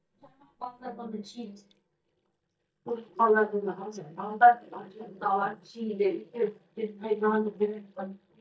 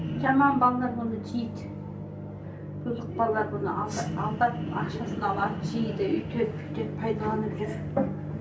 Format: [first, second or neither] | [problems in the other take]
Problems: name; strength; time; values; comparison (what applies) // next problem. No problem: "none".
second | noise reduction (neural mask model DeepFilterNet 3)